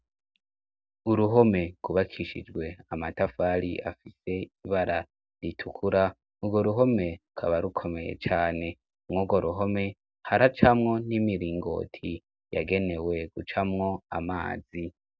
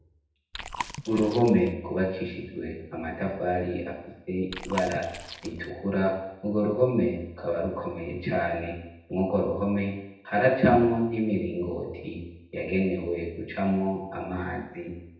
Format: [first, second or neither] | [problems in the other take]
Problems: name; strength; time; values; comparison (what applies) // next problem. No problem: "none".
first | background sound (Chewing, mastication); 11 dB below the speech // room echo; dies away in 0.8 s